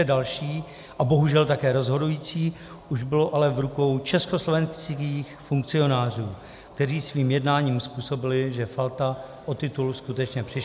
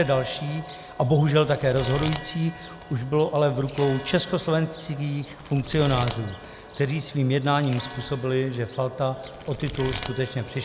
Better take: first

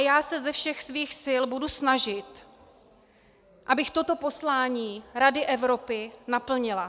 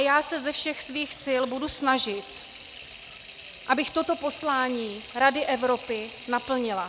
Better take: first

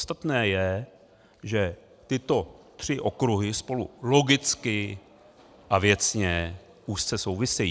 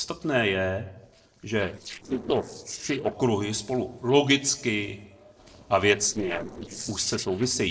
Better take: first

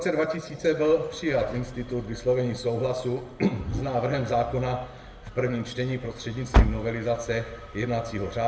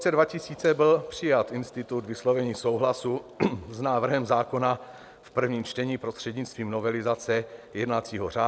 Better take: second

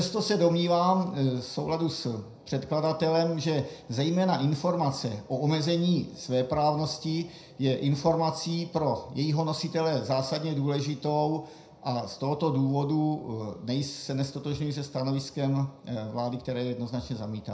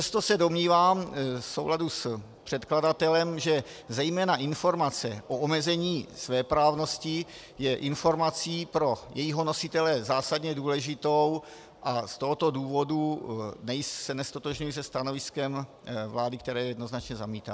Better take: second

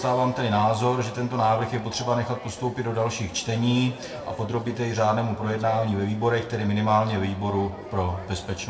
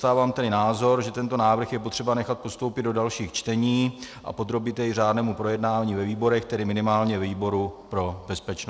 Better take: second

